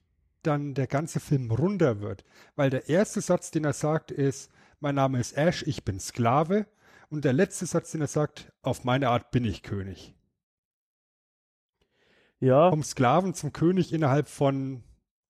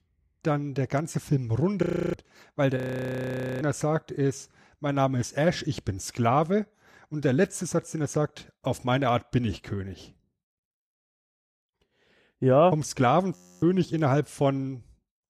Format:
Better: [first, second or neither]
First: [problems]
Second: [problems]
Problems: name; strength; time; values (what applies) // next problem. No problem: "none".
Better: first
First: none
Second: audio freezing; at 2 s, at 3 s for 1 s and at 13 s